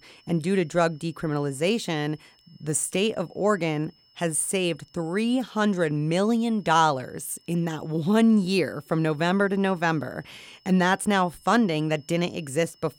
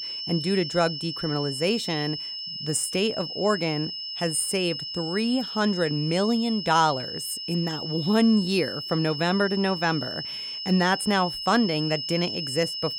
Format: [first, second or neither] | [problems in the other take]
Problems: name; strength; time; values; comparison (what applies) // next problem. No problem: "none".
first | high-pitched whine; loud; throughout; 5 kHz, 6 dB below the speech; faint in the first